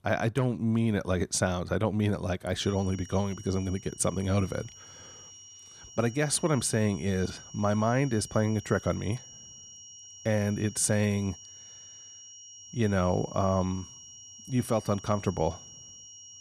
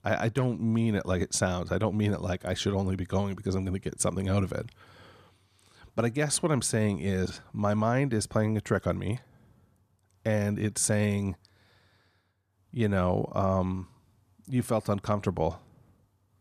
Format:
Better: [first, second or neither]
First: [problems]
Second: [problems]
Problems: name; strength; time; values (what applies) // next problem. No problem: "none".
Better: second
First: high-pitched whine; noticeable; from 2.5 s on; 5.5 kHz, 15 dB below the speech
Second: none